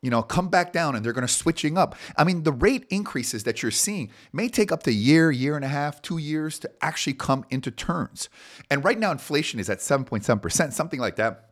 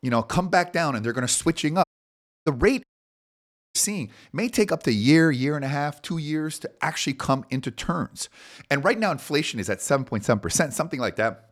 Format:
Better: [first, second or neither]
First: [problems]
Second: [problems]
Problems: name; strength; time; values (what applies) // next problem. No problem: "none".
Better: first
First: none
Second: audio cutting out; at 2 s for 0.5 s and at 3 s for 1 s